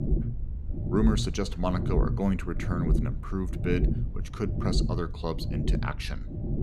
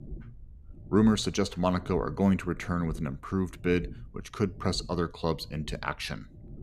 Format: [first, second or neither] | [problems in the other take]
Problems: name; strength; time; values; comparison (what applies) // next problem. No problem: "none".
second | low rumble; loud; throughout; 7 dB below the speech; faint in the second